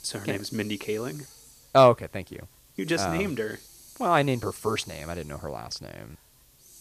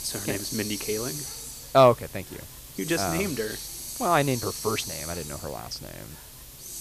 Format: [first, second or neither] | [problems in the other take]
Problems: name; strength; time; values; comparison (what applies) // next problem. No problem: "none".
first | hiss; loud; throughout; 8 dB below the speech; faint in the first